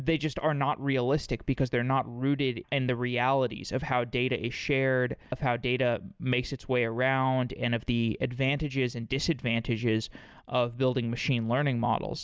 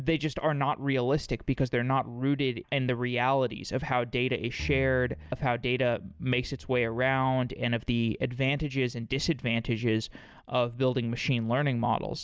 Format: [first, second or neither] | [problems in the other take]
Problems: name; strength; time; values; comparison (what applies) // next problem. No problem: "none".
first | background sound (Bowed string instrument); 15 dB below the speech